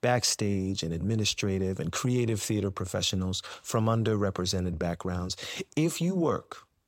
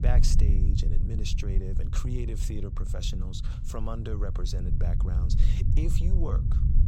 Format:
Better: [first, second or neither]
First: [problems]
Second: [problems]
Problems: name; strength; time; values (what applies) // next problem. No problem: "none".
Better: first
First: none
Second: low rumble; loud; throughout; 5 dB below the speech